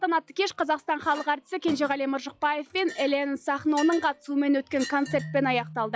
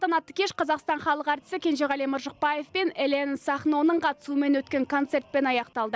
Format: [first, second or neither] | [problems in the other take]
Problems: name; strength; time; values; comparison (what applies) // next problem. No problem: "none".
second | noise reduction (classical method log-MMSE)